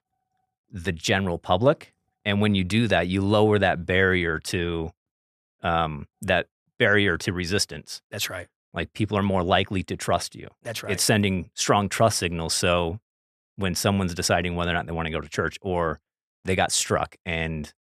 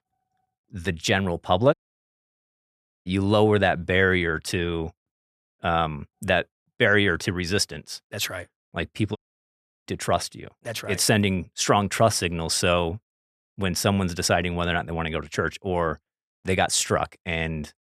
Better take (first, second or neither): first